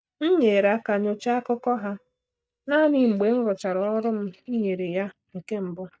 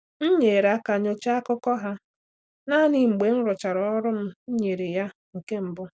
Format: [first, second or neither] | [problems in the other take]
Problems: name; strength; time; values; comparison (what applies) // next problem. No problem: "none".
second | noise reduction (neural mask model DeepFilterNet 3)